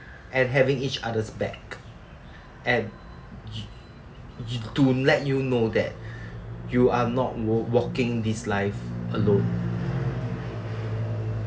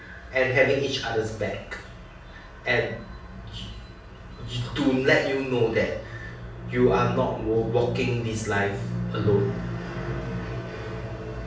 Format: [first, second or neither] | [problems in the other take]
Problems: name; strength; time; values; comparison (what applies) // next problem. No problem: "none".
first | room echo; dies away in 0.5 s